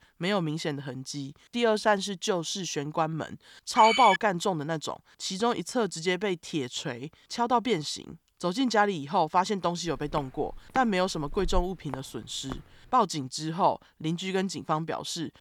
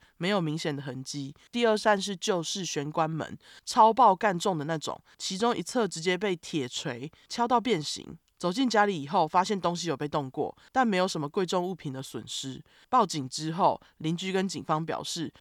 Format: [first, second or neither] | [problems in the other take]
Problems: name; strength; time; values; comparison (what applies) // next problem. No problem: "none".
second | phone ringing; loud; at 3.5 s; peak 2 dB above the speech // footsteps; noticeable; from 10 to 13 s; peak 10 dB below the speech